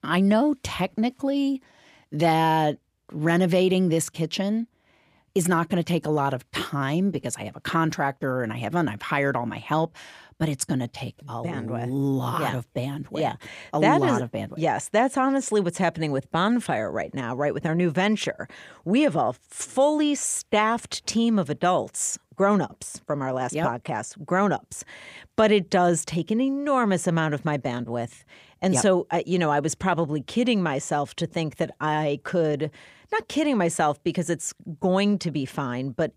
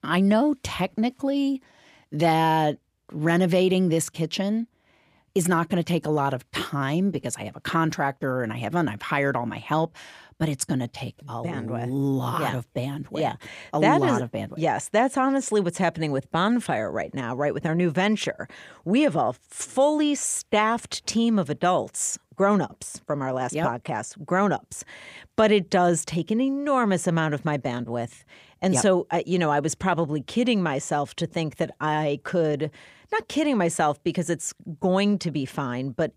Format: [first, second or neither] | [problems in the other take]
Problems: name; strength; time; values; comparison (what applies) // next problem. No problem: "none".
neither | none